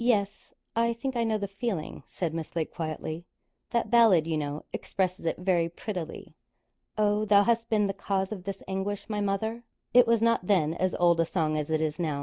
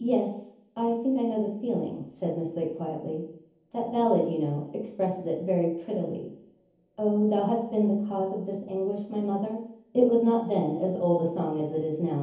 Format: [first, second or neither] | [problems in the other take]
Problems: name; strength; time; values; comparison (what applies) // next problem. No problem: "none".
first | room echo; dies away in 0.7 s